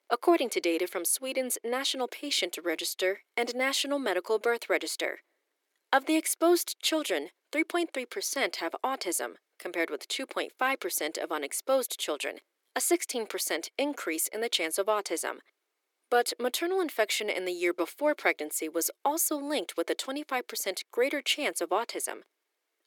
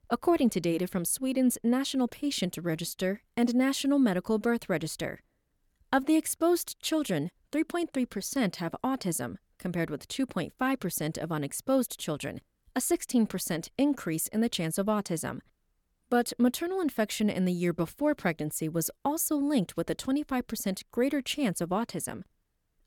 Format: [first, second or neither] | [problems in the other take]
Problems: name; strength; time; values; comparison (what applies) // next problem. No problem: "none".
second | thin; very; fading below 350 Hz